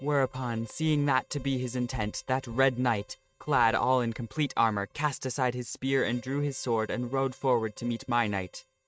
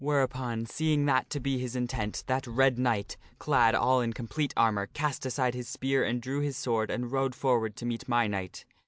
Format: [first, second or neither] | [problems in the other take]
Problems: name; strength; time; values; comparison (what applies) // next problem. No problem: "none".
second | noise reduction (neural mask model RNNoise)